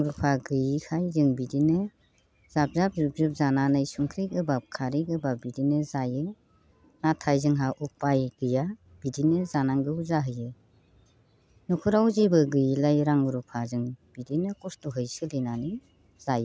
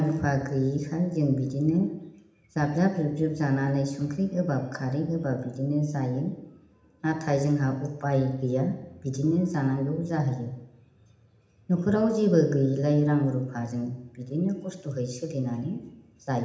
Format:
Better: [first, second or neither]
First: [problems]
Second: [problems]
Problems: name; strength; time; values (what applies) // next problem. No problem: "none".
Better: first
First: none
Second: room echo; dies away in 0.8 s